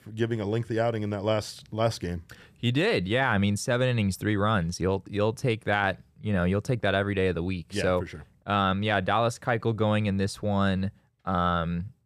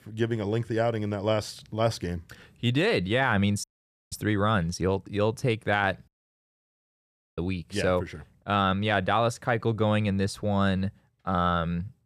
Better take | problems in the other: first | audio cutting out; at 3.5 s and at 6 s for 1.5 s

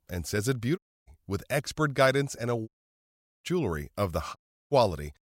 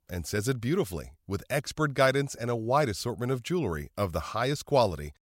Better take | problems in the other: second | audio cutting out; at 1 s, at 2.5 s for 1 s and at 4.5 s

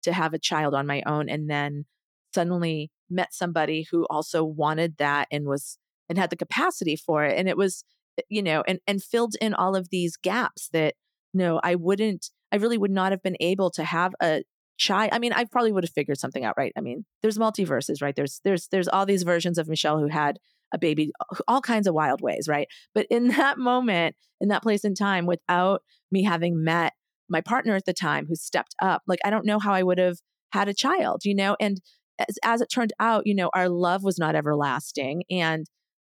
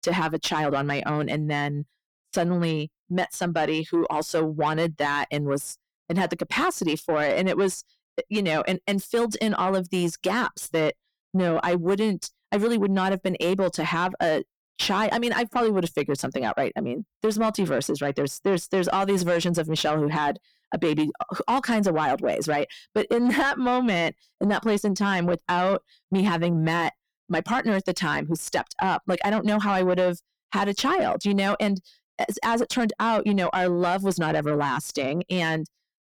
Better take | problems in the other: first | distortion; slight; 10 dB below the speech

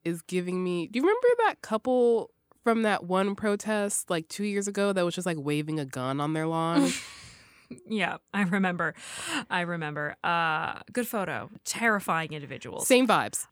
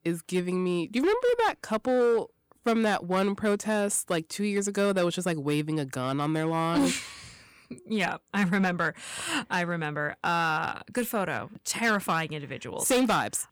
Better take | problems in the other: first | distortion; slight; 6% of the sound clipped

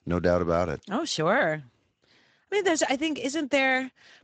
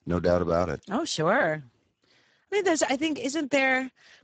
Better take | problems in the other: first | garbled, watery; badly; nothing above 7.5 kHz; slightly in the first

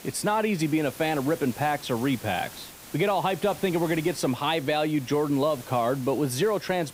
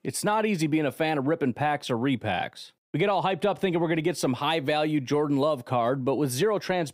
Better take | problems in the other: second | hiss; noticeable; throughout; 15 dB below the speech

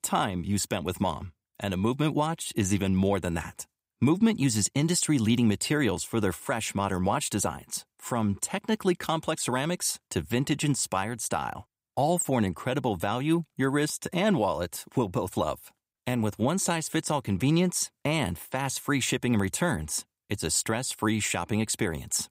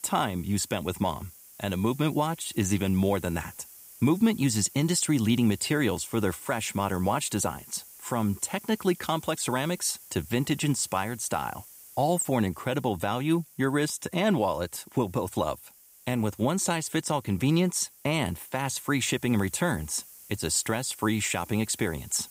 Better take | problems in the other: first | hiss; noticeable; throughout; 20 dB below the speech

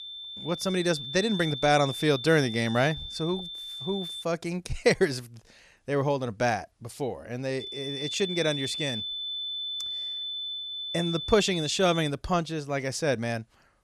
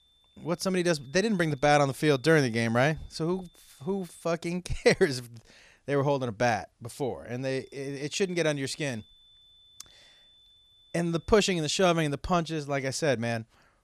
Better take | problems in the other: second | high-pitched whine; loud; until 4 s and from 7.5 to 12 s; 3.5 kHz, 6 dB below the speech; faint in the second

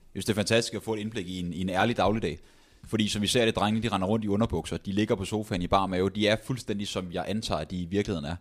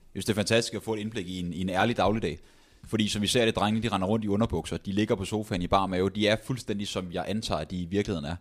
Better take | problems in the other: neither | none

